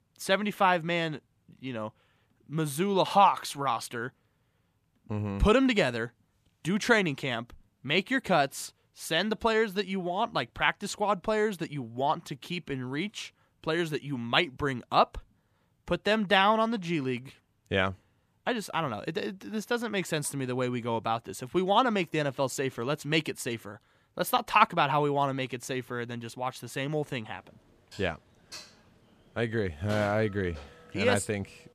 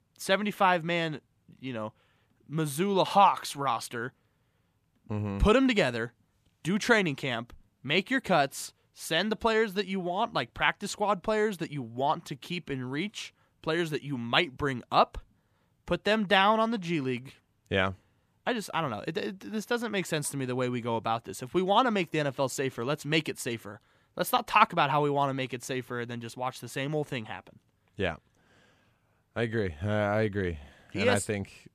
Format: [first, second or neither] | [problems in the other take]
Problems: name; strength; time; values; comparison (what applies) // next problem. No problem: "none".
second | clattering dishes; faint; from 28 to 31 s; peak 10 dB below the speech